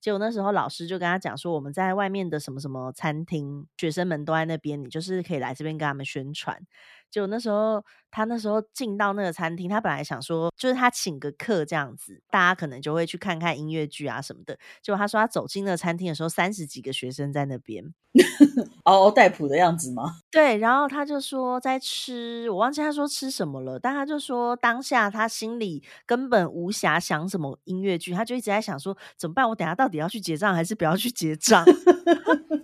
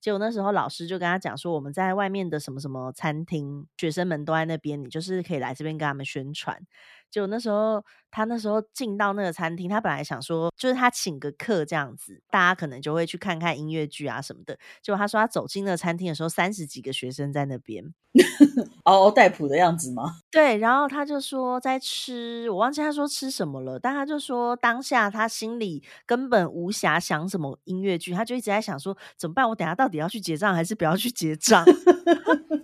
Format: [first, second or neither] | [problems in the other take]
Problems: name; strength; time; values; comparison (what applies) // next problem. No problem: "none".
neither | none